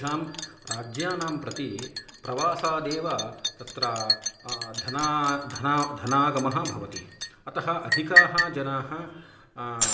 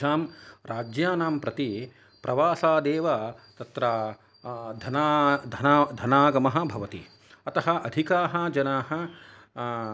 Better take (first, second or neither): second